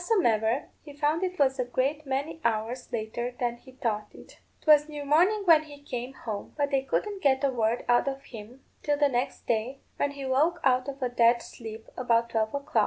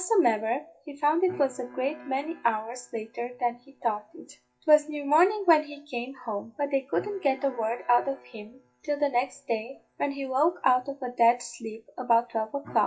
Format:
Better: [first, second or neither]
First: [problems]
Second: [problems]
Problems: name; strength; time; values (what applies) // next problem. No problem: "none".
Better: first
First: none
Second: noise reduction (classical method WPE with log-MMSE)